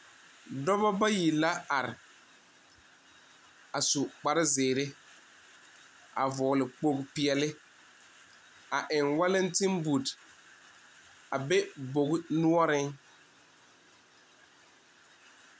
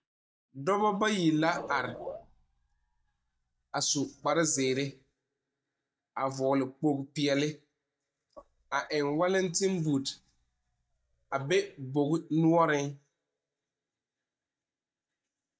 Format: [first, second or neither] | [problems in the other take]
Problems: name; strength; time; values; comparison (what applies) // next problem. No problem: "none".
first | noise reduction (neural mask model DeepFilterNet 3)